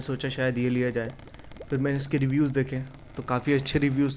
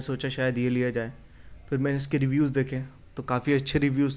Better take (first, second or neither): second